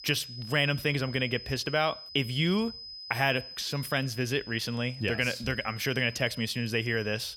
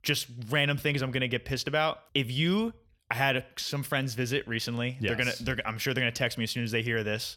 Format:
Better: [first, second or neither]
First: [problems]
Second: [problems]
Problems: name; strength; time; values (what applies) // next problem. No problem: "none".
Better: second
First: high-pitched whine; noticeable; throughout; 5 kHz, 15 dB below the speech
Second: none